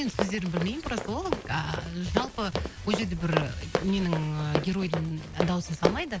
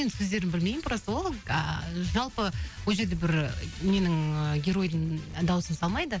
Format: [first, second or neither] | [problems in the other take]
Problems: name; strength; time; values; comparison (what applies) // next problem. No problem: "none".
second | background sound (Run); 4 dB below the speech